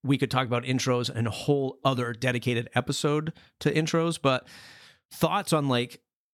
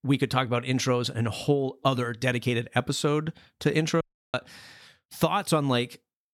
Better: first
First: none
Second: audio cutting out; at 4 s

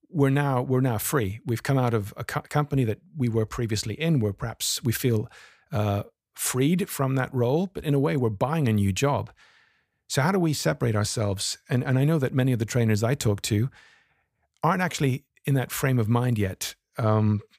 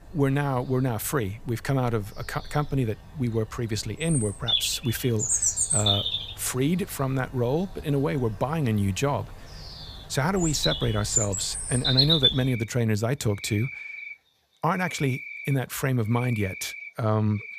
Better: first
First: none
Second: animal sounds; very loud; throughout; 1 dB above the speech

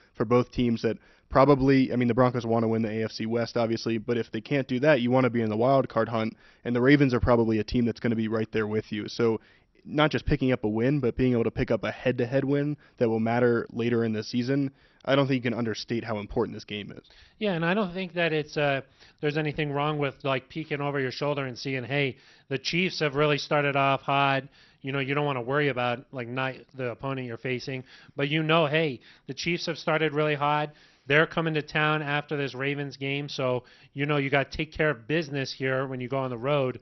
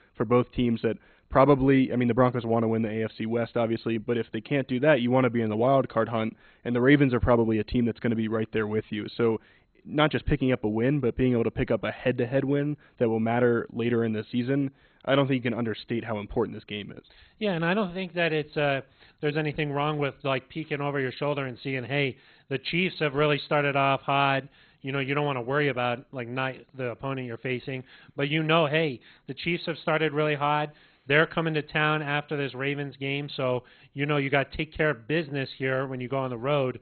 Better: first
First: garbled, watery; slightly; nothing above 6 kHz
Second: garbled, watery; badly; nothing above 4 kHz

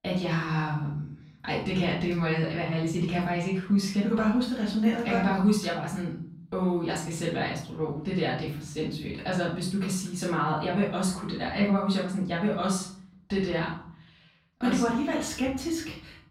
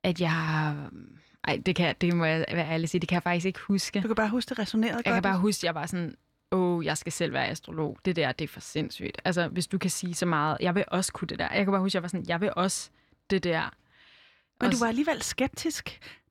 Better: second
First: off-mic speech; far // room echo; noticeable; dies away in 0.7 s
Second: none

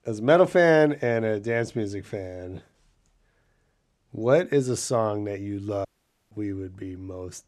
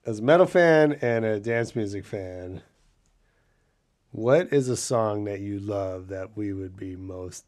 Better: second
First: audio cutting out; at 6 s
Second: none

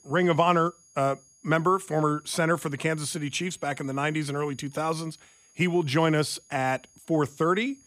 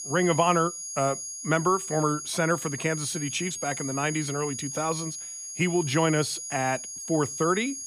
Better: first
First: high-pitched whine; faint; throughout; 6.5 kHz, 30 dB below the speech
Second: high-pitched whine; loud; throughout; 6.5 kHz, 6 dB below the speech

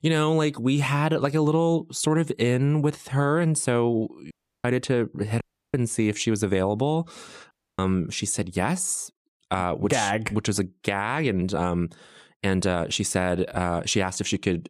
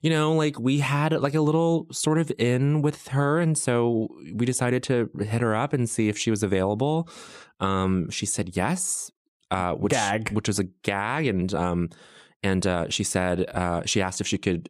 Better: second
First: audio cutting out; at 4.5 s, at 5.5 s and at 7.5 s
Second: none

